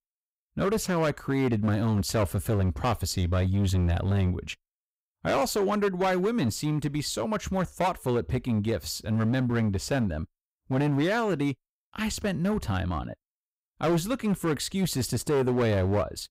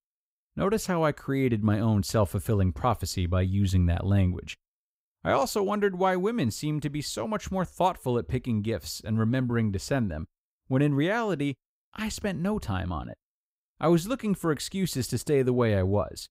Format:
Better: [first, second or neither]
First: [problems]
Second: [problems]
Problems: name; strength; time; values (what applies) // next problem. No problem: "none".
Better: second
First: distortion; slight; 12% of the sound clipped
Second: none